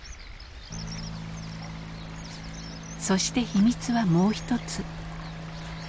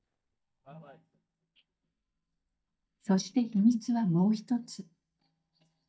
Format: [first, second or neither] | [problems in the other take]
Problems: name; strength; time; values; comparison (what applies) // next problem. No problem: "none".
first | noise reduction (neural mask model DeepFilterNet 3)